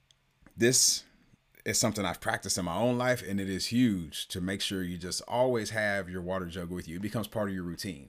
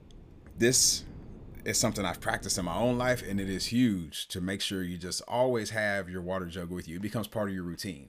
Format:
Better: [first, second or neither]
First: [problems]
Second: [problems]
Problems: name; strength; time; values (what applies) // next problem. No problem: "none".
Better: first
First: none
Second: wind noise on the microphone; occasional gusts; until 3.5 s; 25 dB below the speech